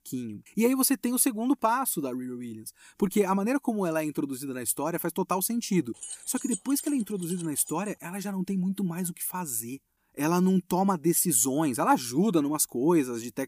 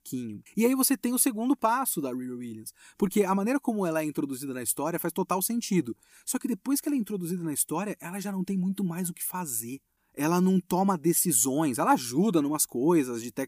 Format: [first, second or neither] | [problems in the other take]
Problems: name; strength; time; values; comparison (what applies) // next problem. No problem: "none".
second | jangling keys; noticeable; from 6 to 8 s; peak 9 dB below the speech